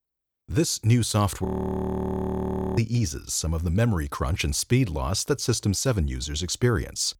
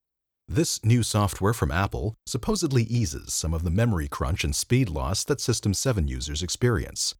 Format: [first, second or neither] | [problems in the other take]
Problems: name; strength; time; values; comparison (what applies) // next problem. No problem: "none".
second | audio freezing; at 1.5 s for 1.5 s